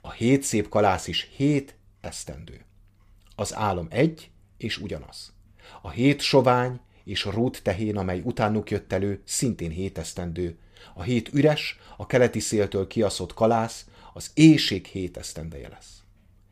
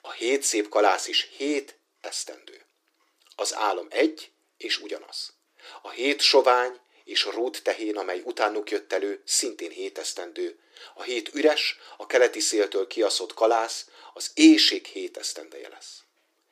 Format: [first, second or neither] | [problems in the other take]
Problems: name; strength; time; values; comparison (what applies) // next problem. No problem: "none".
first | thin; very; fading below 300 Hz